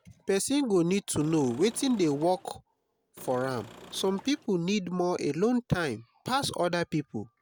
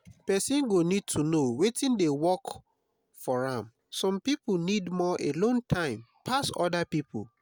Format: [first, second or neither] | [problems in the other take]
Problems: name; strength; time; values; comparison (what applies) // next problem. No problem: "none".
second | background sound (Engine / Car); 20 dB below the speech